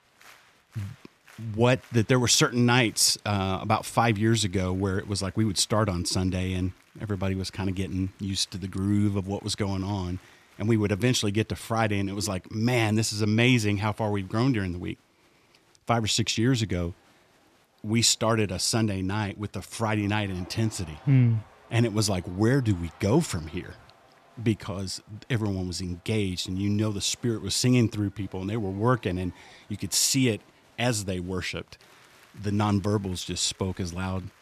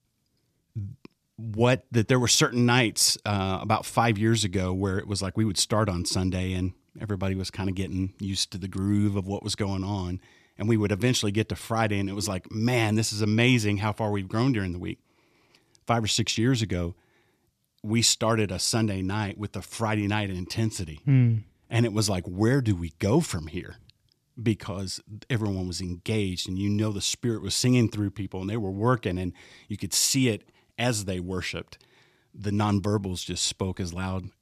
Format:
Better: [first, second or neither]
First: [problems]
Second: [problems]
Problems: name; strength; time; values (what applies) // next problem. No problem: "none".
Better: second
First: crowd noise; faint; throughout; 30 dB below the speech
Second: none